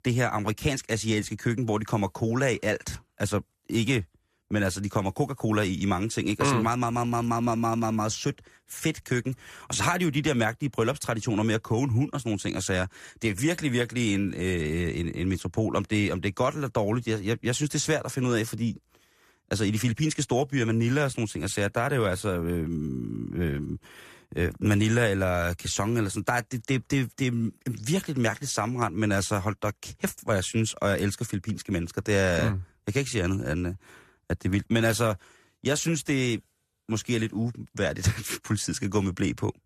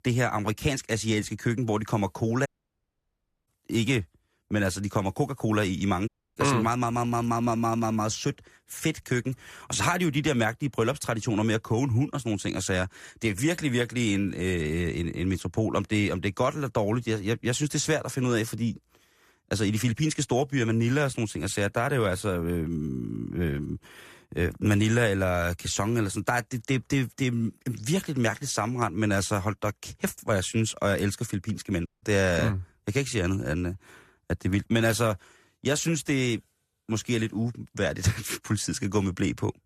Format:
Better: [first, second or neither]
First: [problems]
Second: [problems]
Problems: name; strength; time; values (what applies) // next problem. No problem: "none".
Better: first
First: none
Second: audio cutting out; at 2.5 s for 1 s, at 6 s and at 32 s